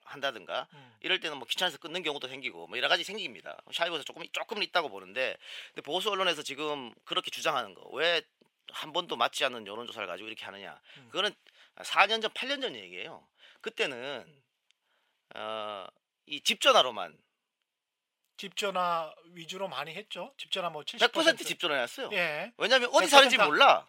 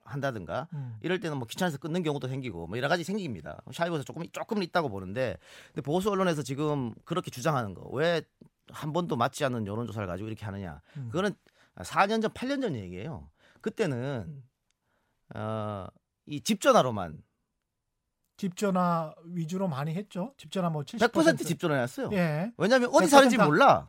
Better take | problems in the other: second | thin; somewhat; fading below 450 Hz

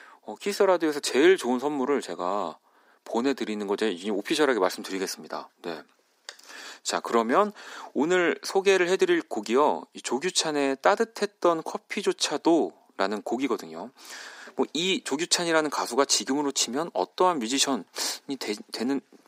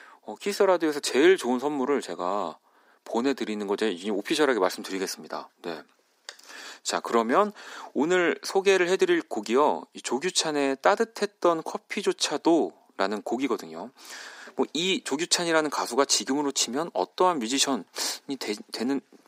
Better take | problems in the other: neither | thin; somewhat; fading below 300 Hz; the same in both

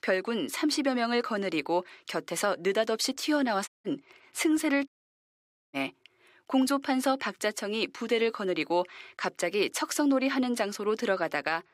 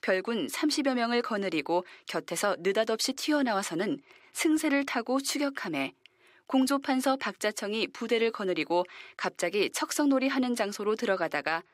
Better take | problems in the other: second | audio cutting out; at 3.5 s and at 5 s for 1 s

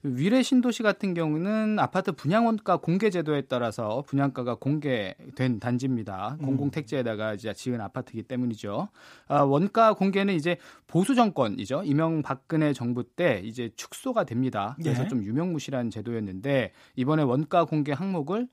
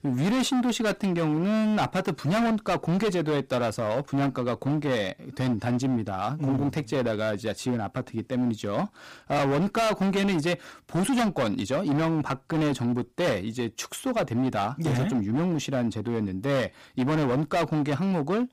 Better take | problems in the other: first | distortion; heavy; 20% of the sound clipped

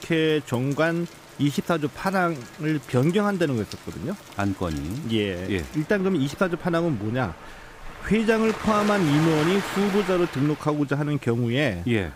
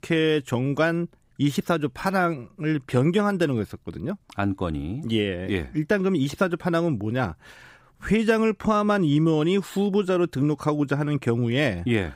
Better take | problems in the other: second | rain or running water; noticeable; throughout; 10 dB below the speech

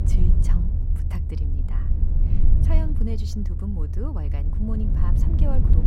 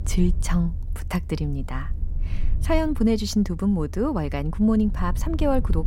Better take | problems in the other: second | low rumble; loud; throughout; 1 dB below the speech; faint in the second

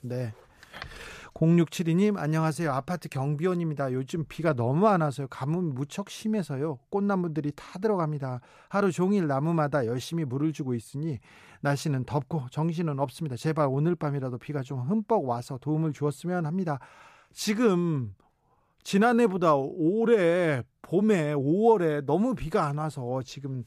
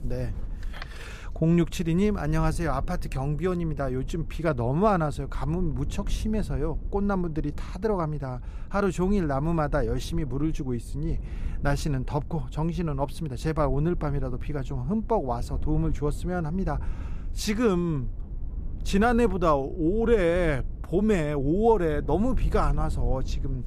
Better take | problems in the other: first | low rumble; faint; throughout; 25 dB below the speech

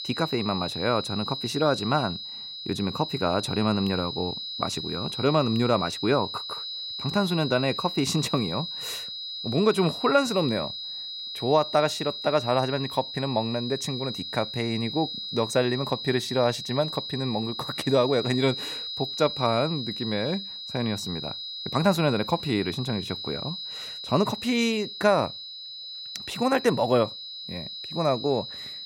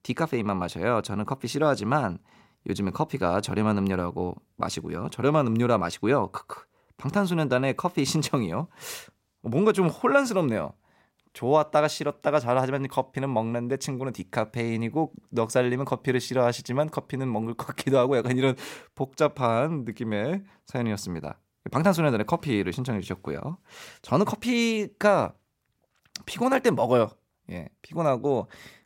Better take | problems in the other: second | high-pitched whine; loud; throughout; 4 kHz, 6 dB below the speech

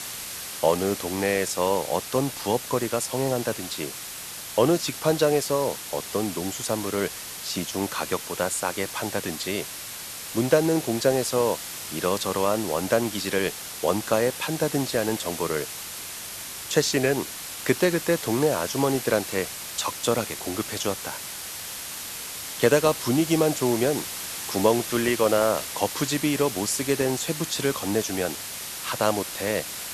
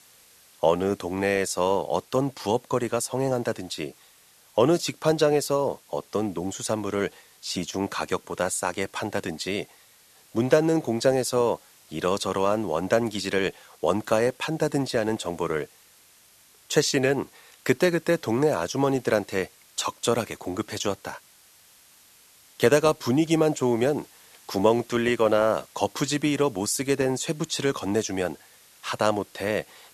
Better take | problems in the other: second | hiss; loud; throughout; 7 dB below the speech; faint in the second

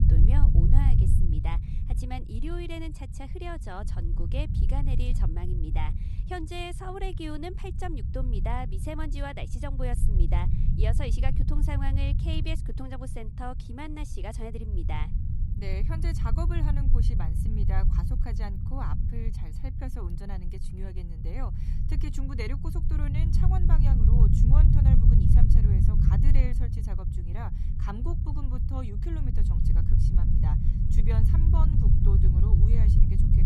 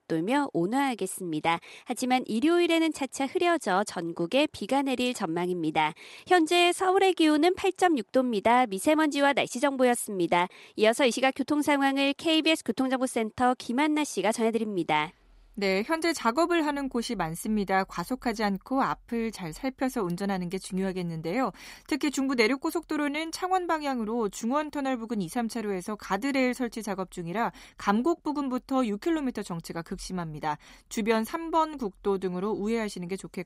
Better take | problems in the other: second | low rumble; loud; throughout; 1 dB below the speech

